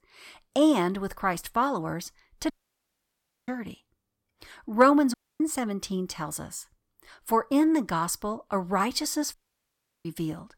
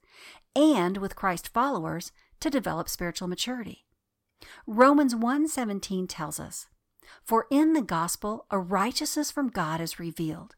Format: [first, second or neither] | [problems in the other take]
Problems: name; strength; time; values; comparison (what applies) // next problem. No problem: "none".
second | audio cutting out; at 2.5 s for 1 s, at 5 s and at 9.5 s for 0.5 s